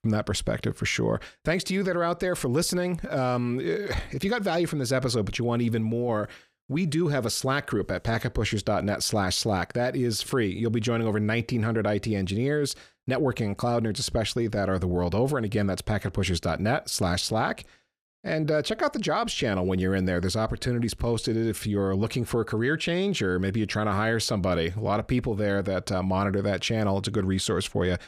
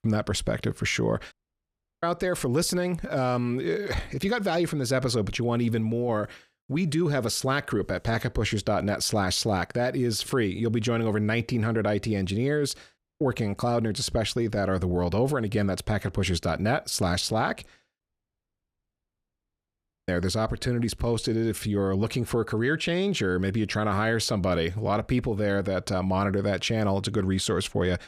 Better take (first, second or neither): first